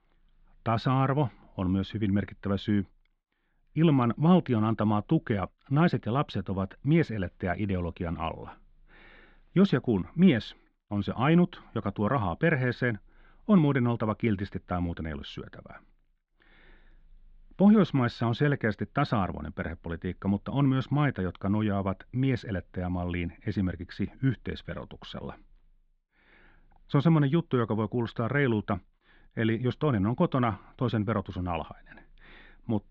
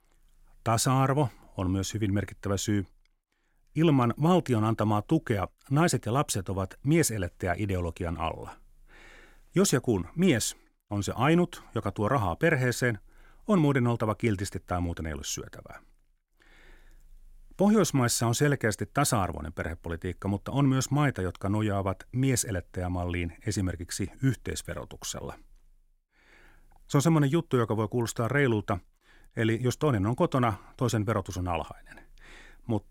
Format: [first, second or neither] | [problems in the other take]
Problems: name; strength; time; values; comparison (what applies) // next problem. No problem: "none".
second | muffled; very; fading above 4 kHz